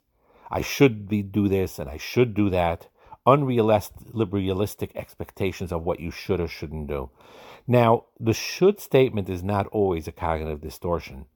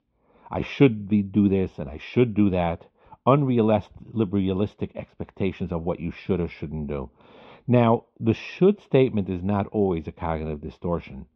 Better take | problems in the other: first | muffled; very; fading above 3.5 kHz

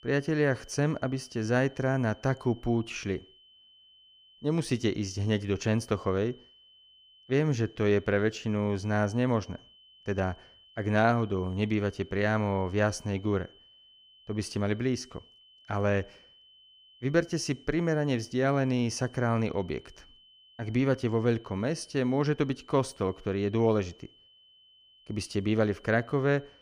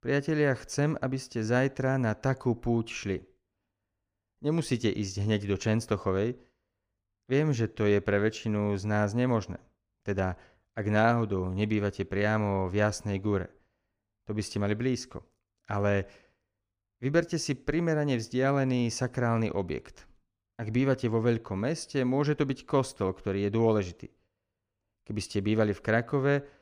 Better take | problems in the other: second | high-pitched whine; faint; throughout; 3 kHz, 25 dB below the speech

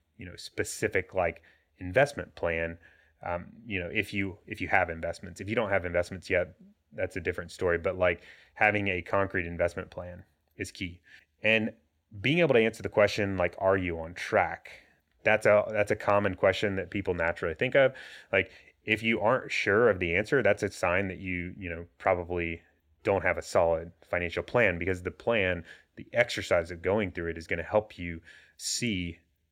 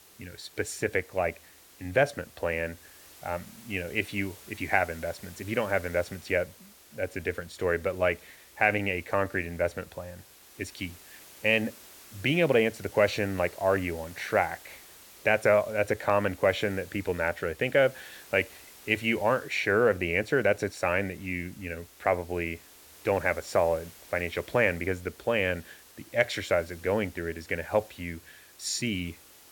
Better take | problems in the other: first | hiss; faint; throughout; 20 dB below the speech

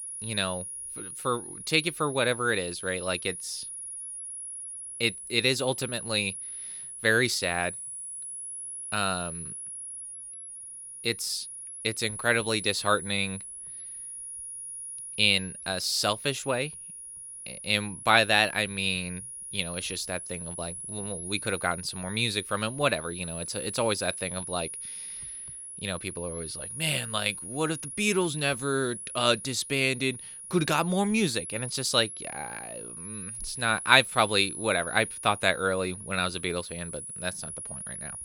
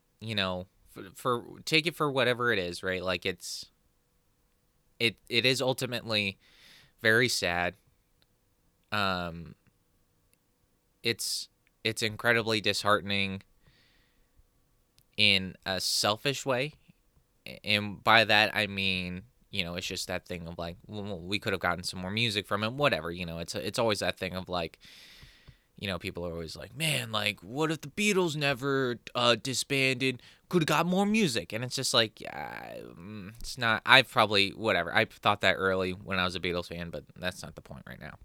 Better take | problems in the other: second | high-pitched whine; loud; throughout; 10.5 kHz, 9 dB below the speech

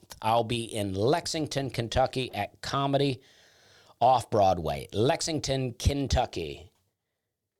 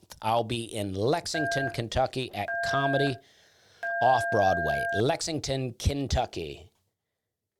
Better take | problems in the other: first | phone ringing; loud; from 1.5 to 5 s; peak level with the speech

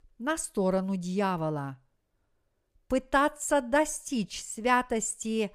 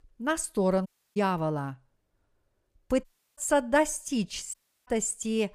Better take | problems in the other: first | audio cutting out; at 1 s, at 3 s and at 4.5 s

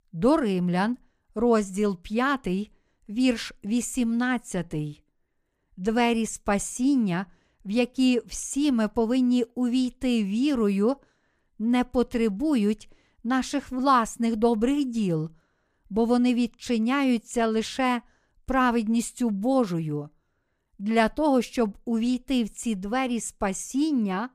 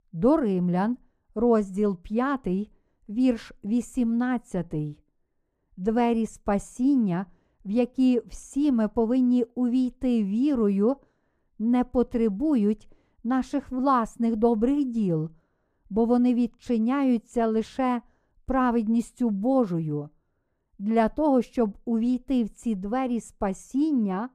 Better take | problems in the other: first | muffled; slightly; fading above 1.5 kHz

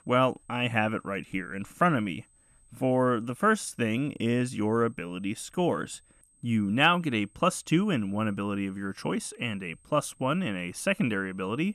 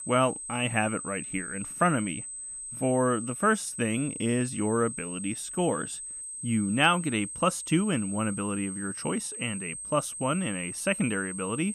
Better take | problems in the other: first | high-pitched whine; loud; throughout; 8 kHz, 7 dB below the speech; faint in the first

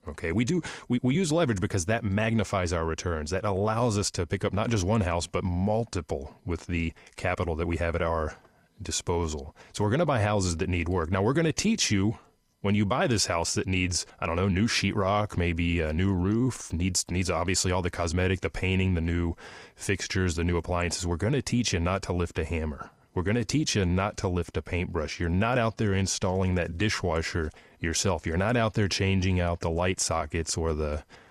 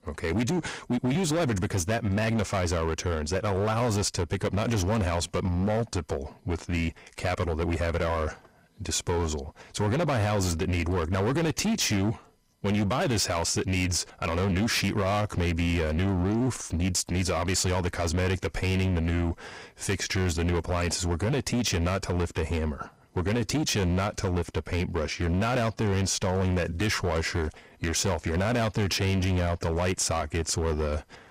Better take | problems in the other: first | distortion; slight; 20% of the sound clipped

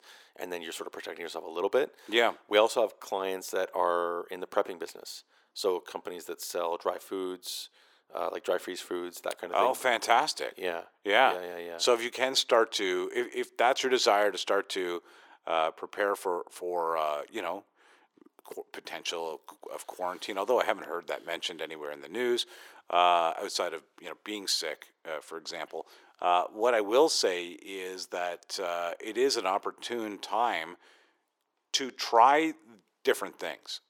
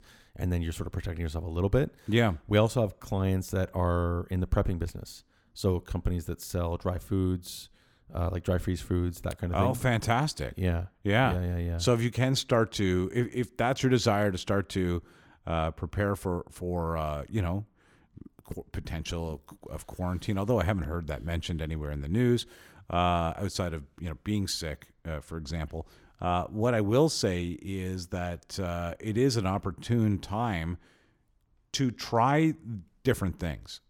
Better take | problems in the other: second | thin; very; fading below 400 Hz

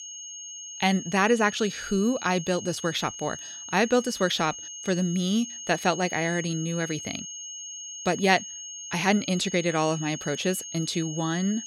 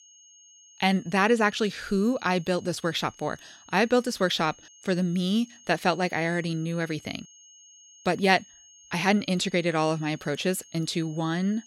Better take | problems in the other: second | high-pitched whine; loud; throughout; 6.5 kHz, 10 dB below the speech; faint in the second

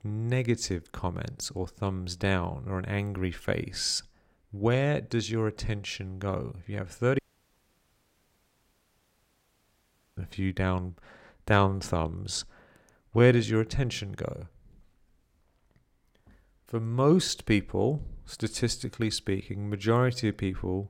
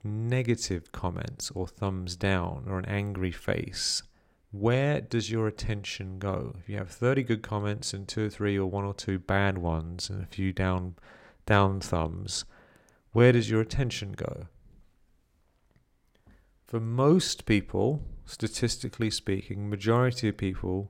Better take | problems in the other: second | audio cutting out; at 7 s for 3 s

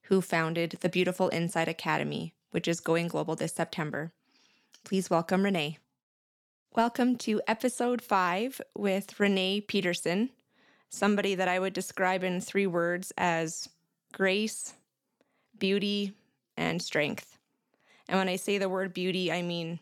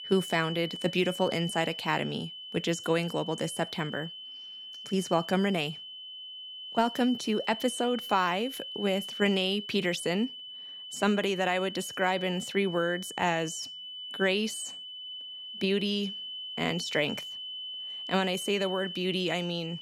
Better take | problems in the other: first | high-pitched whine; loud; throughout; 3 kHz, 9 dB below the speech

